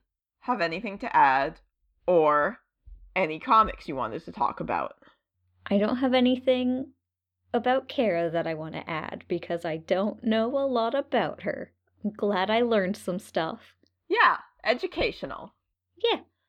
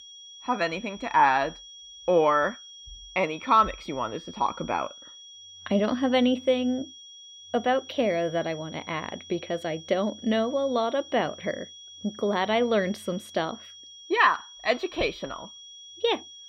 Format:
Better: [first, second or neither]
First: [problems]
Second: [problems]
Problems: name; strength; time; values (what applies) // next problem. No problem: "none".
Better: first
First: none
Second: high-pitched whine; noticeable; throughout; 3.5 kHz, 15 dB below the speech